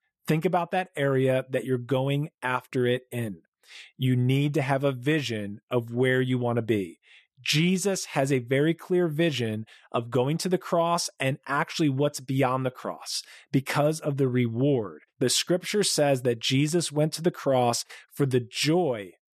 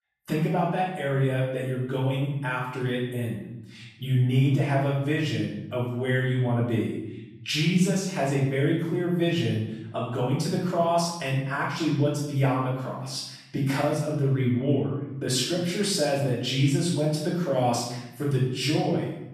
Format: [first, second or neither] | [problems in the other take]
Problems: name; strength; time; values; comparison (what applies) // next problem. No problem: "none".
first | off-mic speech; far // room echo; noticeable; dies away in 0.9 s